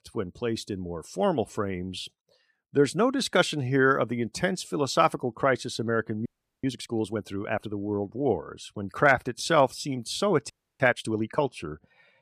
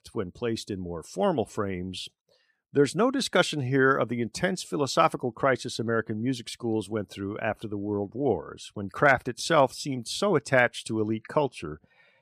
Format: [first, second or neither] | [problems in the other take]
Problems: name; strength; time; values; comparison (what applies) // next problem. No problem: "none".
second | audio freezing; at 6.5 s and at 11 s